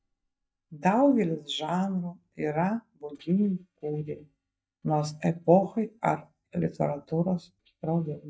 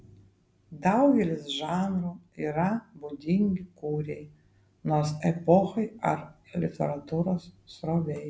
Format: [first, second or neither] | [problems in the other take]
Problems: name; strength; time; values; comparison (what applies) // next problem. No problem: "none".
second | noise reduction (neural mask model DeepFilterNet 3)